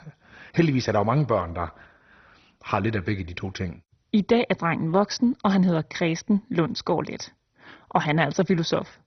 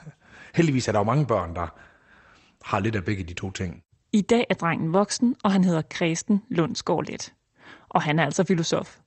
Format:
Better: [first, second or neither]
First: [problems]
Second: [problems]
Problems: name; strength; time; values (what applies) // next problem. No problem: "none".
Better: second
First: garbled, watery; badly; nothing above 6 kHz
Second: garbled, watery; slightly; nothing above 8.5 kHz